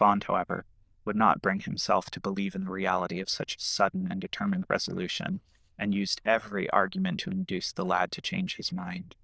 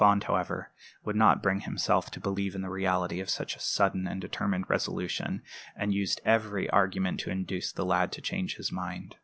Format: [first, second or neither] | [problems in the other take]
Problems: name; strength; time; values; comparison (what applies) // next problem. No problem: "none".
second | noise reduction (neural diffusion model UNIVERSE++)